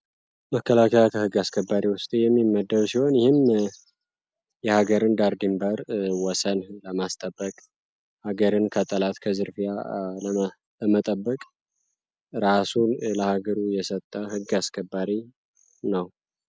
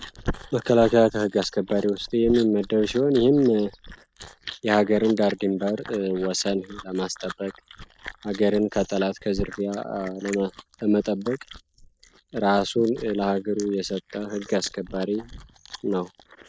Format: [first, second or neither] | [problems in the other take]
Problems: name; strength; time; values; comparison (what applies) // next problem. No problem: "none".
first | noise reduction (neural mask model Resemble Enhance denoiser)